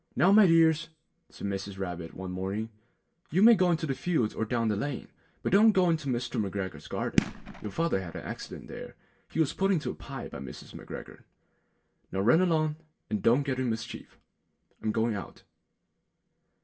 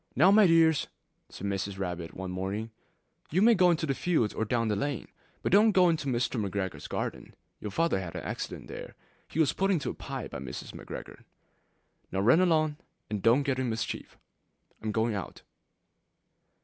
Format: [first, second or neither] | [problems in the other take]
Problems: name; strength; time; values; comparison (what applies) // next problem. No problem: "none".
second | background sound (Fireworks); 5 dB below the speech // room echo; dies away in 0.1 s